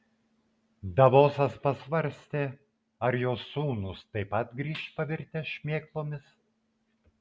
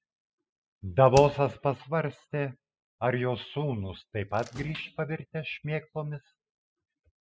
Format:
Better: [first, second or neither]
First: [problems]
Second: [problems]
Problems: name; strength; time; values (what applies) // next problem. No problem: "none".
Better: first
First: none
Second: noise reduction (classical method spectral subtraction)